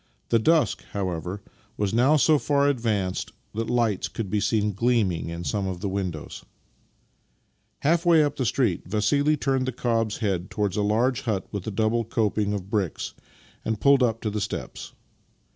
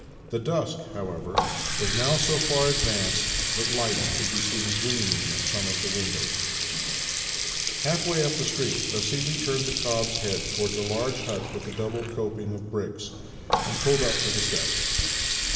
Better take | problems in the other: first | background sound (Water tap, faucet); 1 dB above the speech // room echo; dies away in 2.5 s

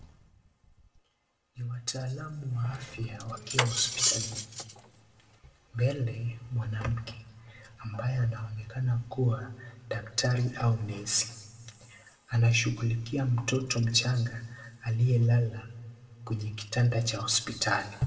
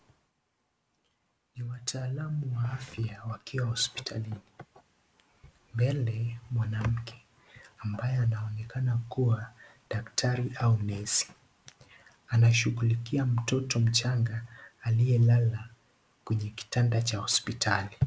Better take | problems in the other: second | background sound (Cutlery, silverware); 3 dB below the speech // room echo; dies away in 1.2 s

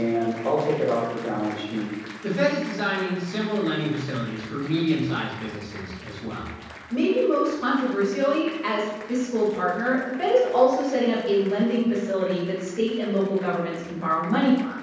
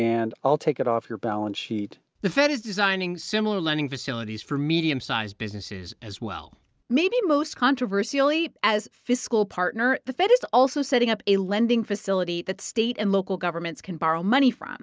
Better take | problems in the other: second | background sound (Applause); 19 dB below the speech // room echo; dies away in 1.1 s

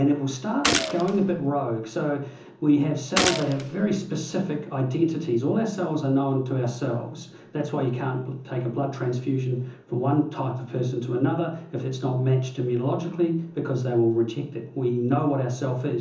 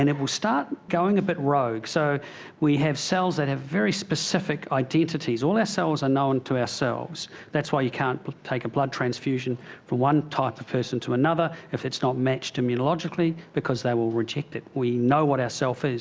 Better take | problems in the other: second | background sound (Gunshot, gunfire); 4 dB below the speech // room echo; dies away in 0.7 s

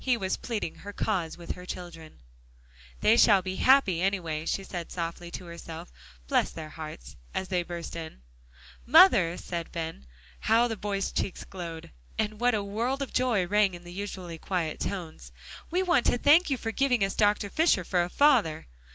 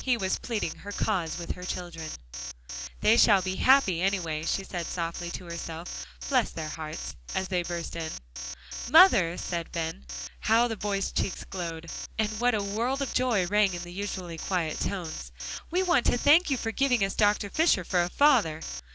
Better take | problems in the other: first | background sound (Alarm); 11 dB below the speech

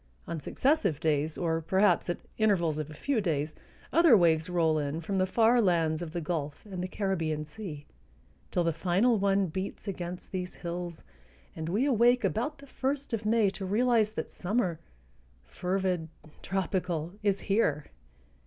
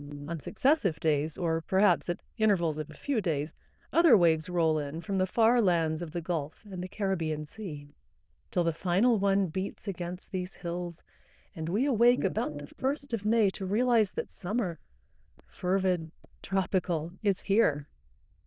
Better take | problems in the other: first | noise reduction (neural diffusion model UNIVERSE++)

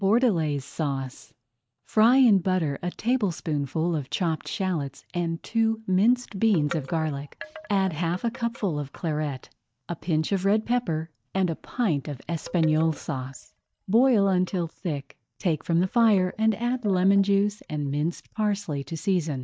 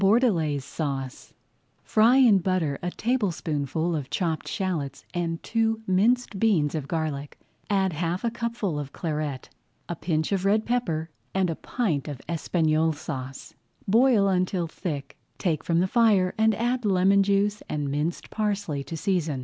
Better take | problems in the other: second | noise reduction (neural mask model DeepFilterNet 3)

